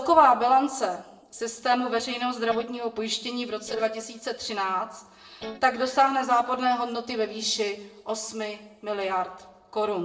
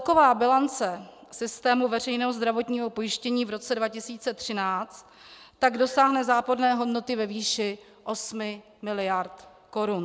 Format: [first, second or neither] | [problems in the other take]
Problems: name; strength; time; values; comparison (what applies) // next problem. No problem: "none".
second | noise reduction (neural separator model SepFormer DNS4)